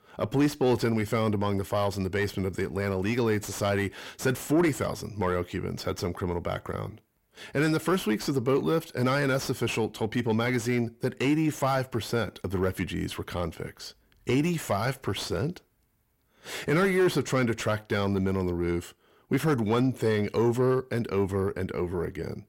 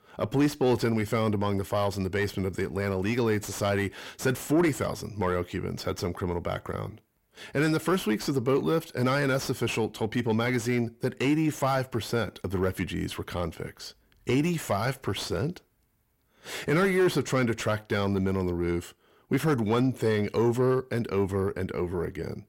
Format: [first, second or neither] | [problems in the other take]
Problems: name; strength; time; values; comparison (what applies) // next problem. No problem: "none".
neither | distortion; slight; 10 dB below the speech; the same in both